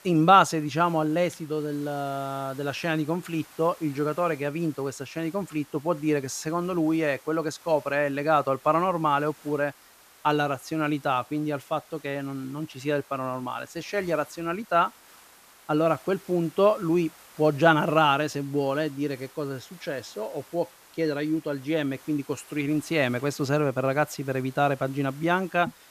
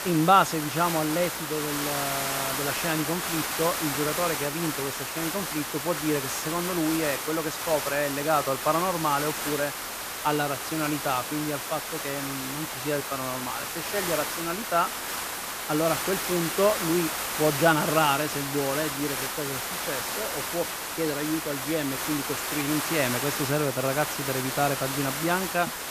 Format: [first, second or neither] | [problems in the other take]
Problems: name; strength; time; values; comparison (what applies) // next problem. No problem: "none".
first | hiss; loud; throughout; 2 dB below the speech; faint in the first